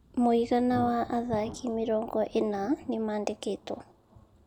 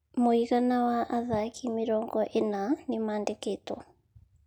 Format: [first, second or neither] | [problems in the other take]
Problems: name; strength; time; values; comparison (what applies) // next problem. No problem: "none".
second | background sound (Thunder); 17 dB below the speech